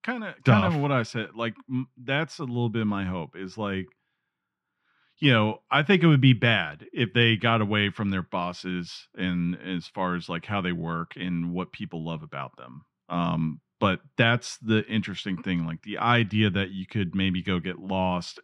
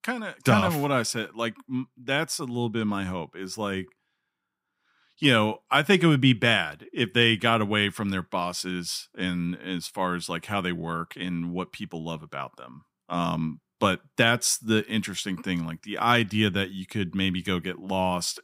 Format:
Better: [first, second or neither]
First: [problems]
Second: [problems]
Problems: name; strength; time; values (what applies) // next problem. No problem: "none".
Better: second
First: muffled; slightly; fading above 3 kHz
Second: none